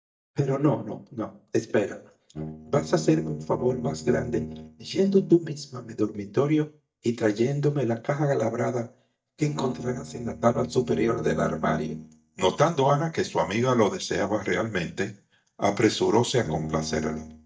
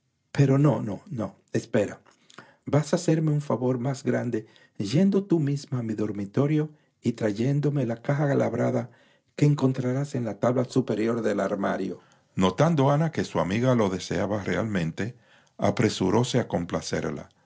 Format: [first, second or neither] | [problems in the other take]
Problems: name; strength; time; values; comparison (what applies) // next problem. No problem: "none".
second | noise reduction (neural mask model DeepFilterNet 3)